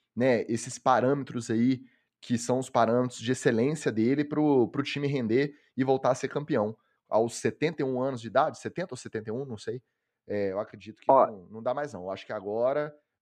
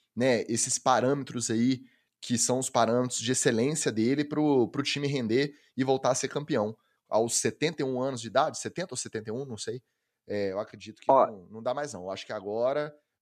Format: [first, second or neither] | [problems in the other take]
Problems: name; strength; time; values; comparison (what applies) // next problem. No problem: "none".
second | muffled; slightly; fading above 3.5 kHz